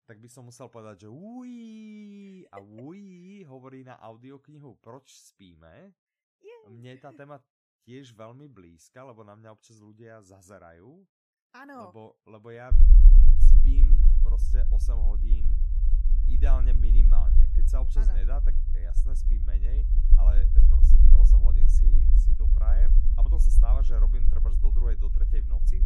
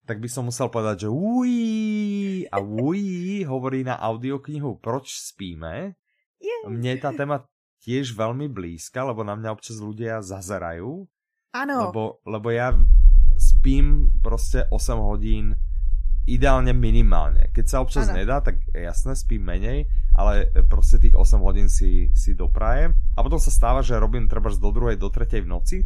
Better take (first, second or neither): second